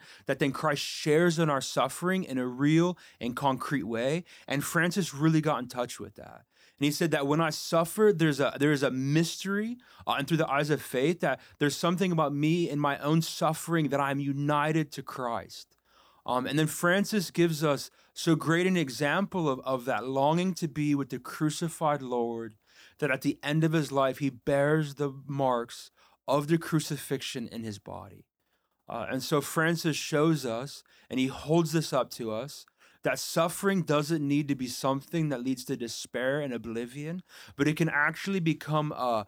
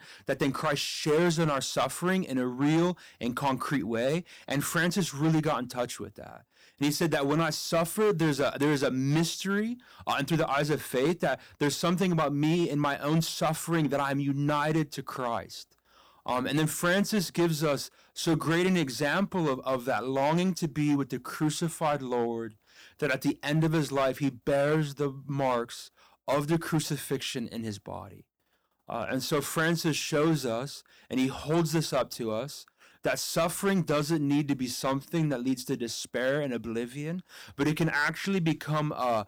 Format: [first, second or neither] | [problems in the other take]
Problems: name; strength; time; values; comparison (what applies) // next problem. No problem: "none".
first | distortion; slight; 6% of the sound clipped